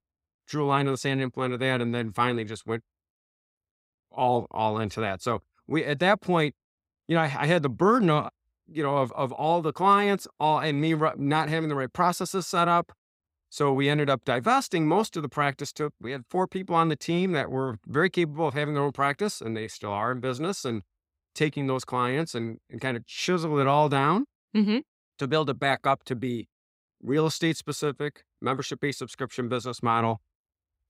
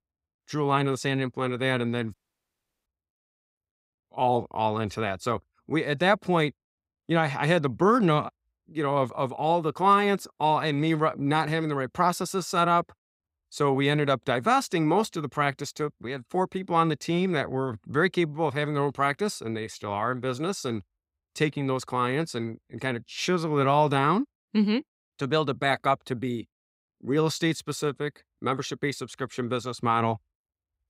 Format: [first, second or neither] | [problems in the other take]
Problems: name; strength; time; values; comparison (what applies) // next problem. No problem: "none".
first | audio cutting out; at 2 s for 0.5 s